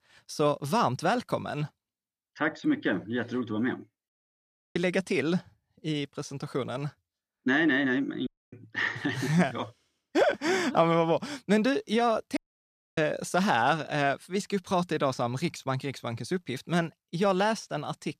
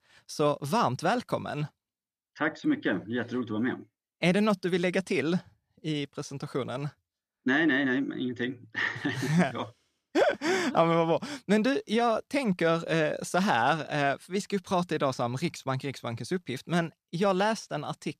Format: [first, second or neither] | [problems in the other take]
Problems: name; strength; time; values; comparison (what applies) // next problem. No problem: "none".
second | audio cutting out; at 4 s for 0.5 s, at 8.5 s and at 12 s for 0.5 s